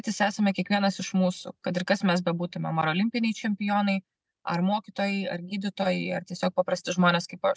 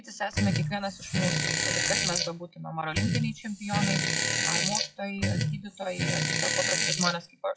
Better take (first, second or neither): first